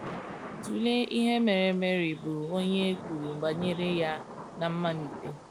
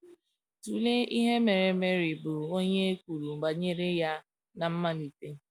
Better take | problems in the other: second | background sound (Thunder / Rain); 12 dB below the speech

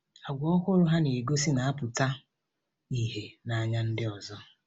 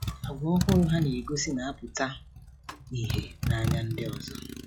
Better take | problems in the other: first | noise reduction (classical method log-MMSE)

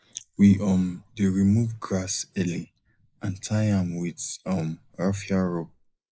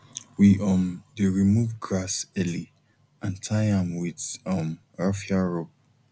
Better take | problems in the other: second | noise reduction (neural mask model Resemble Enhance denoiser)

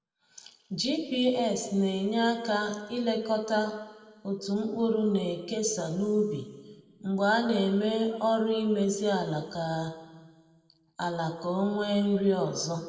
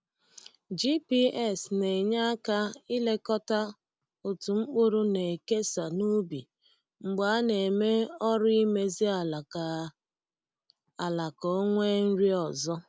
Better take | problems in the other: second | room echo; dies away in 1.4 s

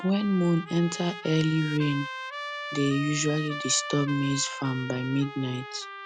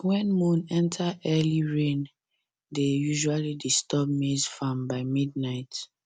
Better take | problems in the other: second | background sound (Trumpet); 10 dB below the speech

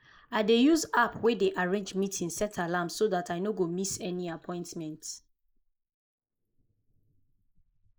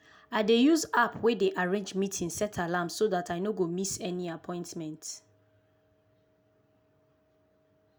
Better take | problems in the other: second | noise reduction (neural mask model Resemble Enhance denoiser)

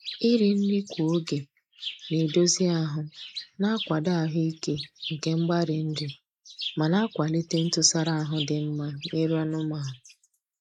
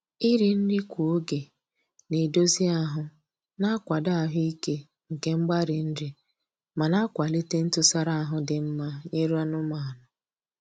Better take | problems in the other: second | noise reduction (neural mask model Resemble Enhance denoiser)

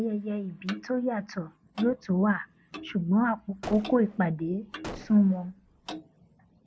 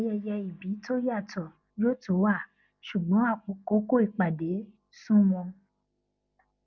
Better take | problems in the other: second | background sound (Gunshot, gunfire + Clock); 17 dB below the speech

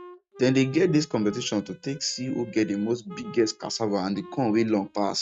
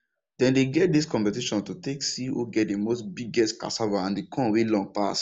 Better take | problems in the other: second | noise reduction (neural mask model RNNoise)

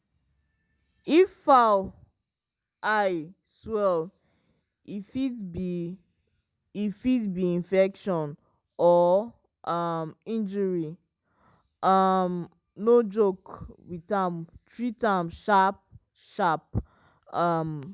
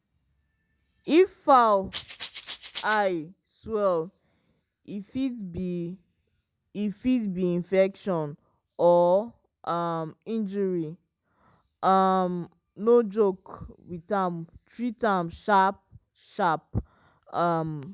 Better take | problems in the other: first | background sound (Rattle (instrument)); 14 dB below the speech

